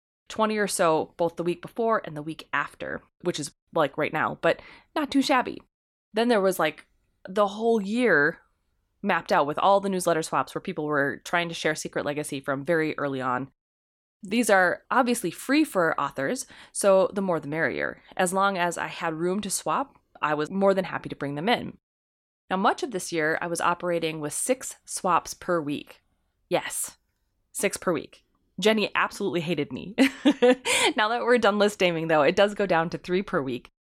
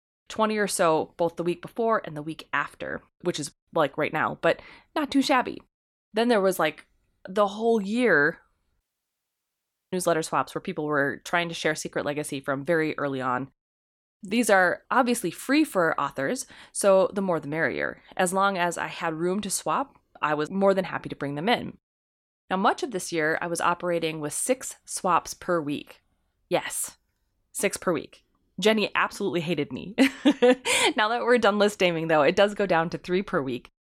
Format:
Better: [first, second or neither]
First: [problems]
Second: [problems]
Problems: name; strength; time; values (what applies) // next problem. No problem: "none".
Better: first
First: none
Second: audio cutting out; at 9 s for 1 s